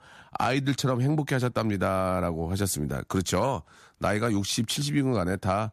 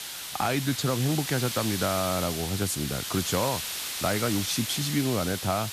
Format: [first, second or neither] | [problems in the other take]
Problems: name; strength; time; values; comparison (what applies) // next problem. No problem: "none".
first | hiss; loud; throughout; 3 dB below the speech